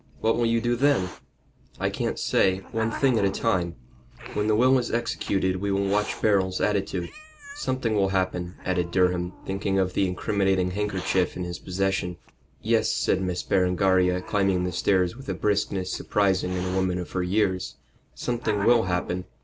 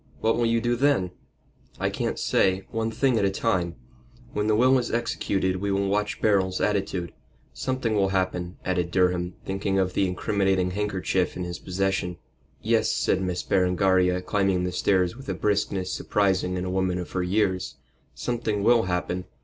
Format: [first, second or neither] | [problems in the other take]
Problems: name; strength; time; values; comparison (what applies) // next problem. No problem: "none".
second | background sound (Hiss); 18 dB below the speech